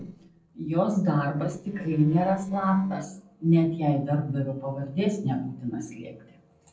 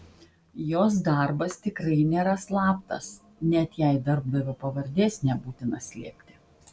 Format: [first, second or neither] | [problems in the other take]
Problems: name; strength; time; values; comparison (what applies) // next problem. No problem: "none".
second | noise reduction (neural separator model SepFormer DNS4)